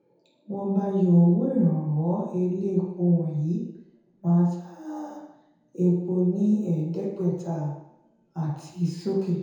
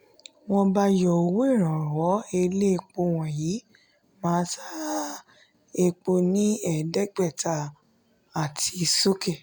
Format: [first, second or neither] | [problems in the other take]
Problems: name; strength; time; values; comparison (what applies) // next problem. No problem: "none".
second | room echo; dies away in 0.9 s